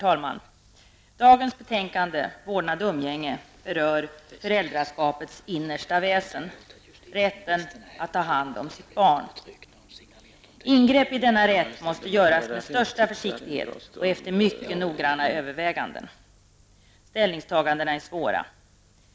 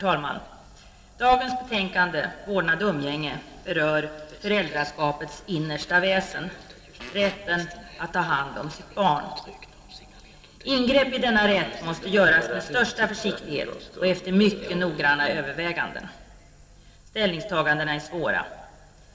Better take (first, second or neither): first